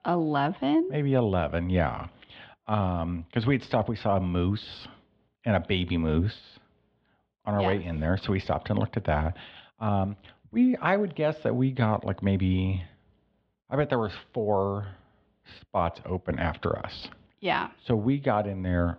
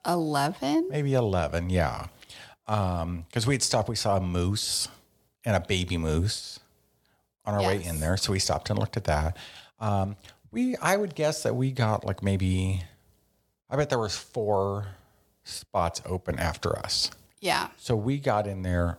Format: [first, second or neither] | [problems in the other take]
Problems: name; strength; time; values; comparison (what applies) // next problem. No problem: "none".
second | muffled; very; fading above 3.5 kHz